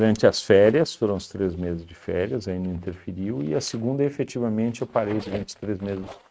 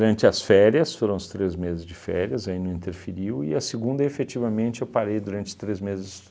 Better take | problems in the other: second | noise reduction (neural mask model RNNoise)

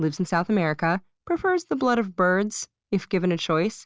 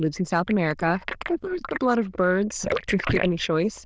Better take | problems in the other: first | noise reduction (neural diffusion model UNIVERSE++)

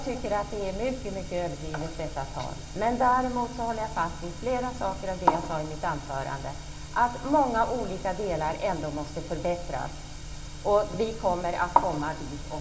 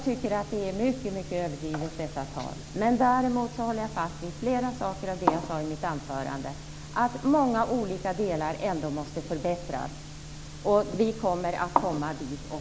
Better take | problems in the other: second | room echo; dies away in 2.1 s

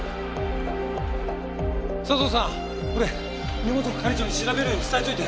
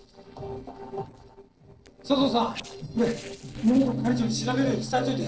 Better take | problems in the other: first | noise reduction (neural separator model SepFormer DNS4)

